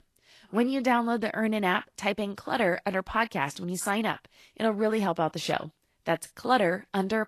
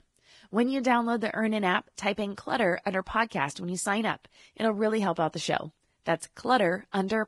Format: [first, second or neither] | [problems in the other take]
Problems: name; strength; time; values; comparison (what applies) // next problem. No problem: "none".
first | garbled, watery; badly; nothing above 10.5 kHz; slightly in the first